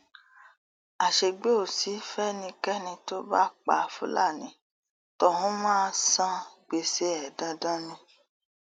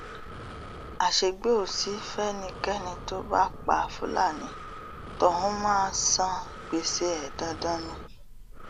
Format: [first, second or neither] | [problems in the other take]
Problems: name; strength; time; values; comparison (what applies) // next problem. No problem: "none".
first | background sound (Breathing); 12 dB below the speech